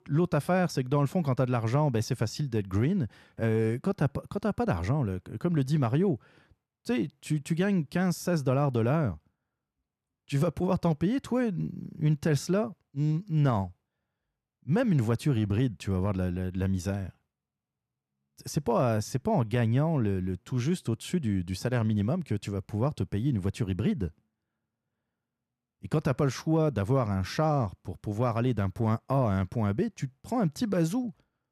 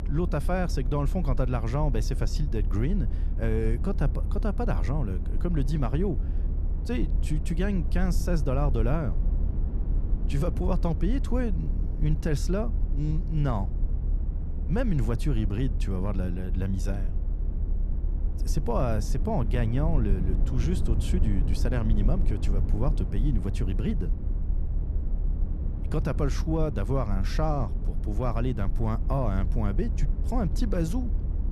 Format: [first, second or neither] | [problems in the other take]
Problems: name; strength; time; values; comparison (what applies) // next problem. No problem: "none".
first | low rumble; noticeable; throughout; 10 dB below the speech